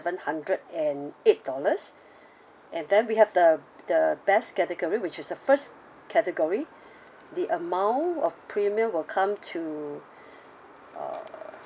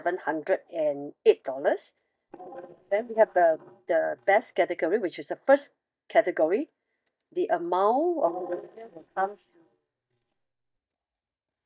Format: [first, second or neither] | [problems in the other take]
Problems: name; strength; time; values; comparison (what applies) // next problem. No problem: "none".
first | noise reduction (neural mask model DeepFilterNet 3)